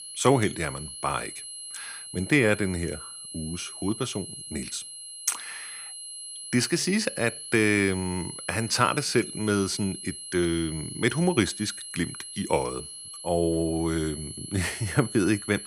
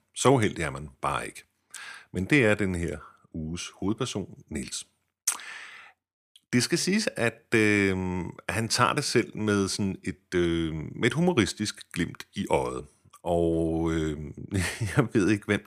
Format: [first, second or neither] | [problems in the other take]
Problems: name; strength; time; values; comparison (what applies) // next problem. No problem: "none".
second | high-pitched whine; loud; throughout; 10.5 kHz, 10 dB below the speech